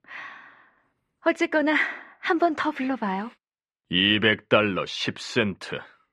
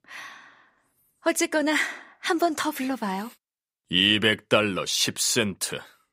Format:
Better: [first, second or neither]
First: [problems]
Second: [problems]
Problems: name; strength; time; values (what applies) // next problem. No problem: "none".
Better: second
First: muffled; slightly; fading above 2.5 kHz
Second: none